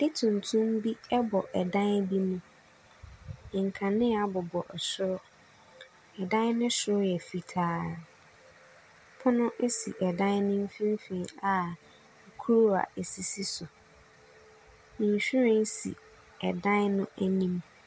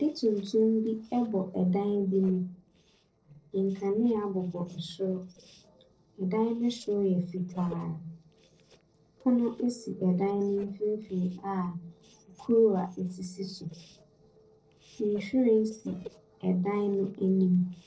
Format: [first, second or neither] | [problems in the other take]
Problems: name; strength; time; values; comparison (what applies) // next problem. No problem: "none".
first | noise reduction (neural separator model SepFormer DNS4)